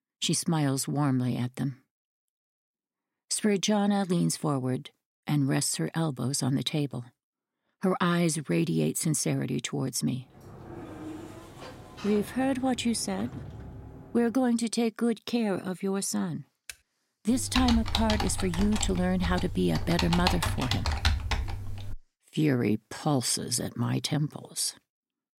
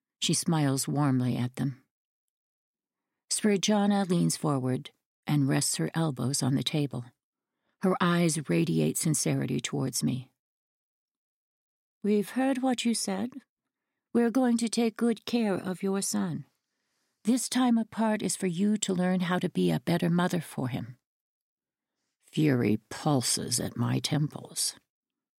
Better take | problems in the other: second | door banging; faint; from 10 to 14 s; peak 10 dB below the speech // keyboard typing; very faint; at 17 s; peak 15 dB below the speech // keyboard typing; loud; from 17 to 22 s; peak level with the speech

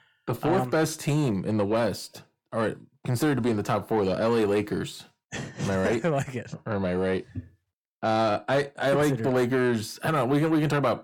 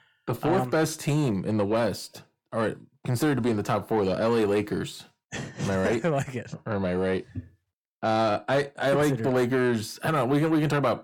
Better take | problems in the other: neither | distortion; slight; 10 dB below the speech; the same in both

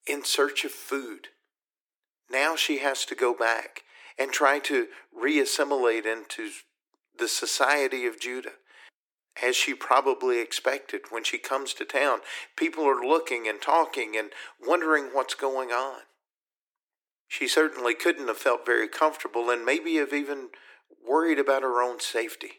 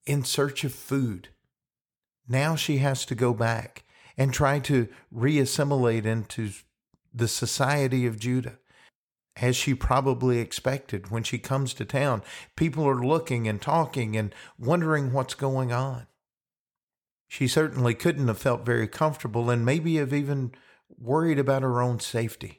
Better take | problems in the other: second | thin; very; fading below 300 Hz

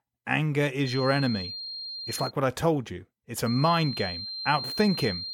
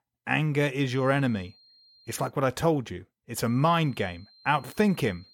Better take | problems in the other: second | high-pitched whine; loud; from 1 to 2.5 s and from 3.5 s on; 4 kHz, 7 dB below the speech; faint in the second

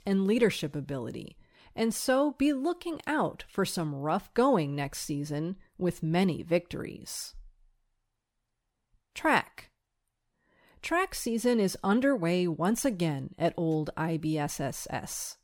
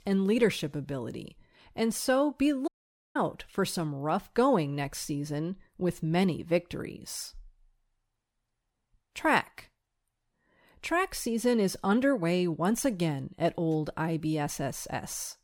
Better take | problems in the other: first | audio cutting out; at 2.5 s

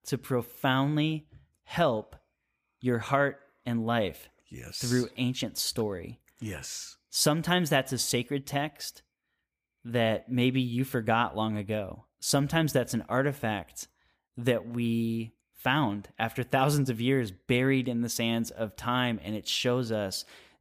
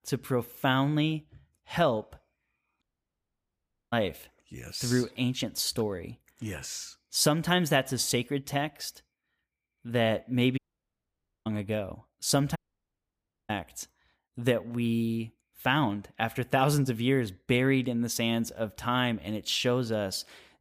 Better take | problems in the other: first | audio cutting out; at 3 s for 1 s, at 11 s for 1 s and at 13 s for 1 s

